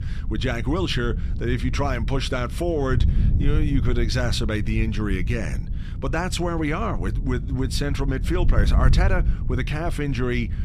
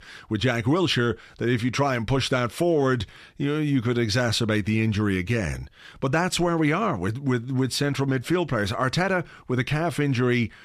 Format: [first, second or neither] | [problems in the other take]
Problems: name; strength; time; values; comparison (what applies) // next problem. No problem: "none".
second | wind noise on the microphone; occasional gusts; 15 dB below the speech